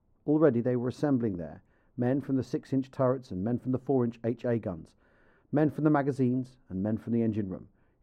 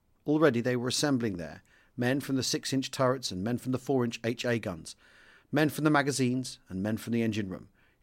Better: second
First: muffled; very; fading above 2 kHz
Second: none

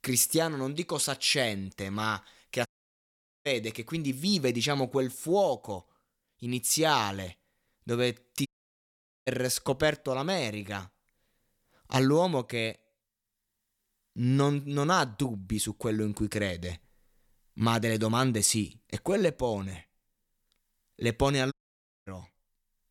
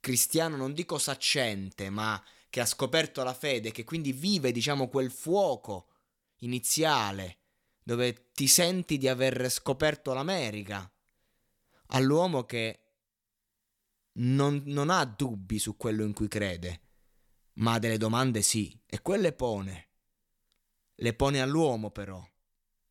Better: second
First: audio cutting out; at 2.5 s for 1 s, at 8.5 s for 1 s and at 22 s for 0.5 s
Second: none

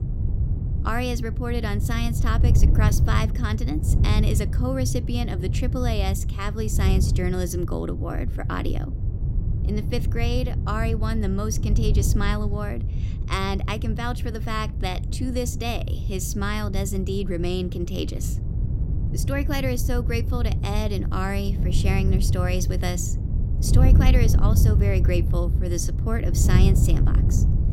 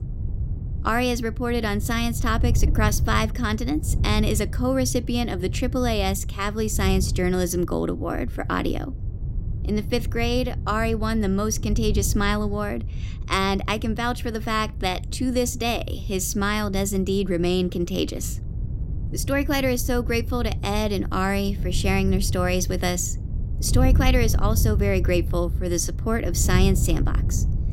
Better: second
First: wind noise on the microphone; heavy; 8 dB below the speech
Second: wind noise on the microphone; occasional gusts; 15 dB below the speech

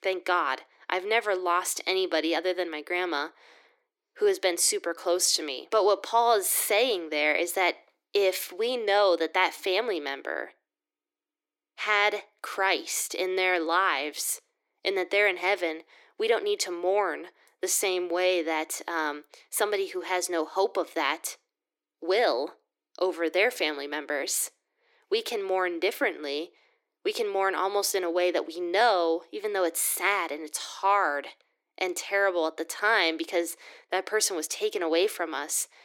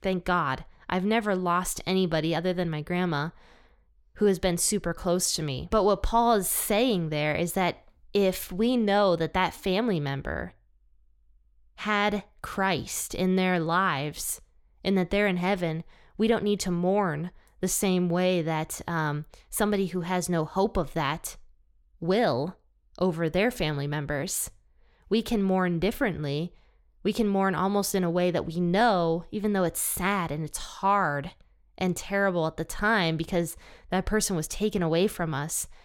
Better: second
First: thin; very; fading below 300 Hz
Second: none

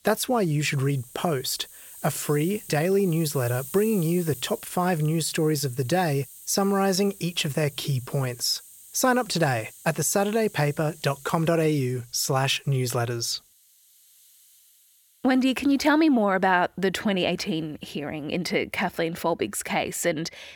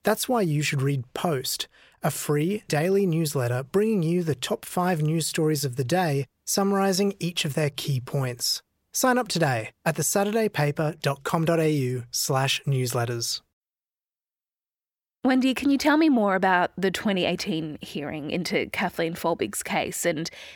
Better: second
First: hiss; noticeable; throughout; 15 dB below the speech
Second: none

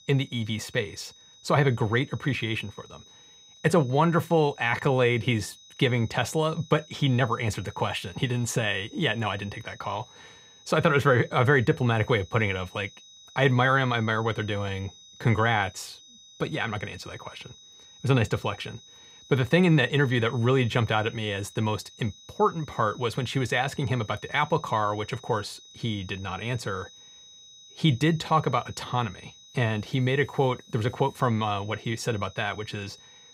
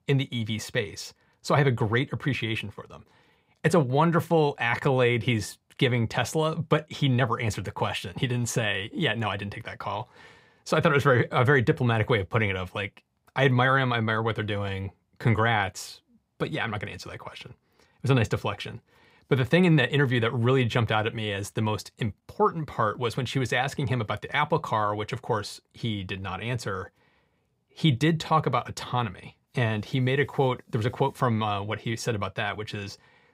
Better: second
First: high-pitched whine; faint; throughout; 4 kHz, 25 dB below the speech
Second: none

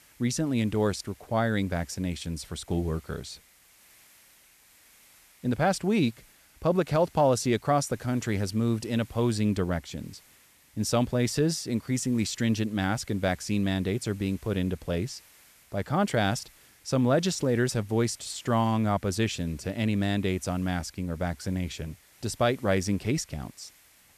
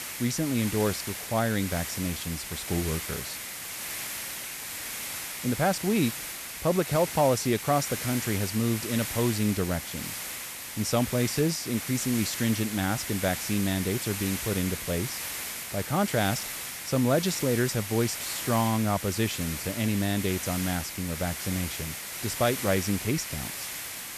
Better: first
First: hiss; faint; throughout; 25 dB below the speech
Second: hiss; loud; throughout; 5 dB below the speech

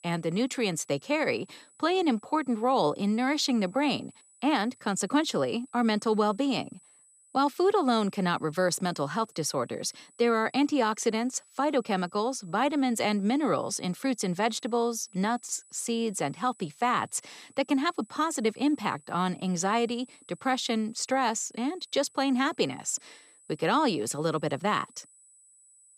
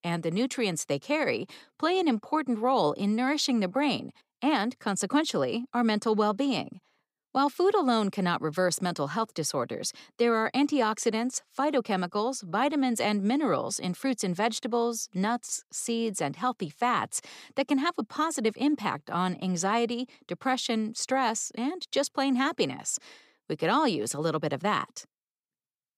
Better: second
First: high-pitched whine; faint; throughout; 8 kHz, 30 dB below the speech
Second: none

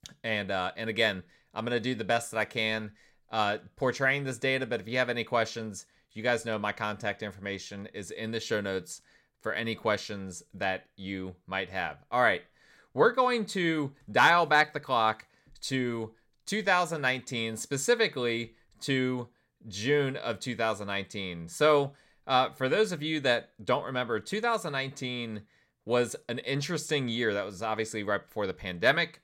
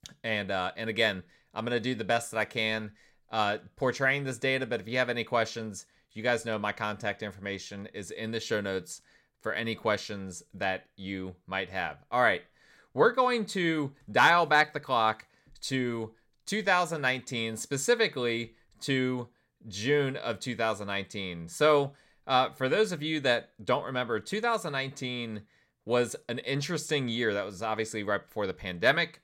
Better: neither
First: none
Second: none

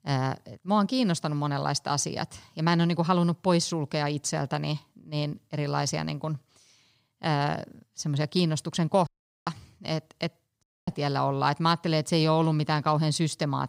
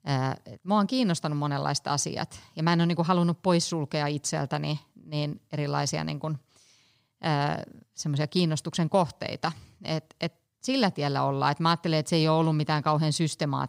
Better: second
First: audio cutting out; at 9 s and at 11 s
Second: none

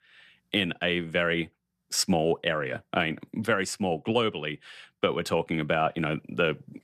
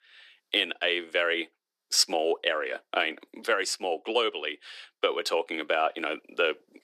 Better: first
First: none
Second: thin; very; fading below 350 Hz

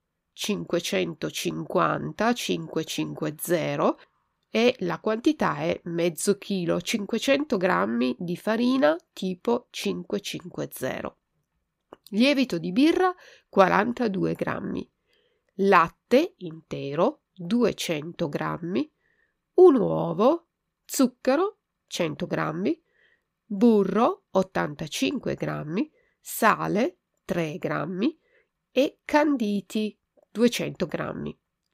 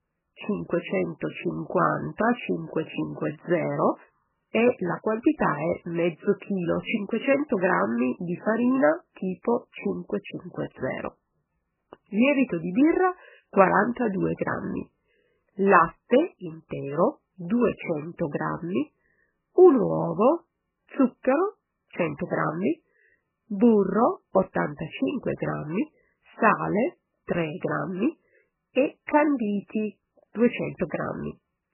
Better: first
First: none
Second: garbled, watery; badly; nothing above 3 kHz

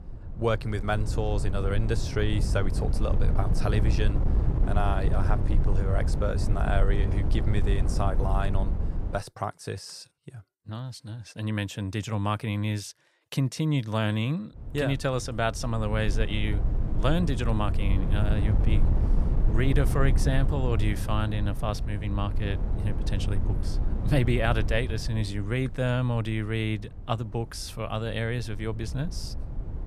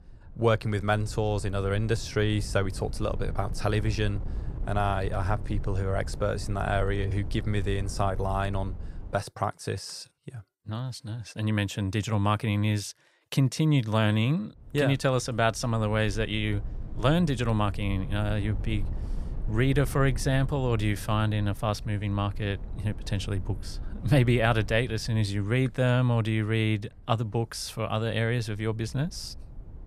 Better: second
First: wind noise on the microphone; heavy; until 9 s and from 15 s on; 9 dB below the speech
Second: wind noise on the microphone; occasional gusts; until 9 s and from 15 s on; 20 dB below the speech

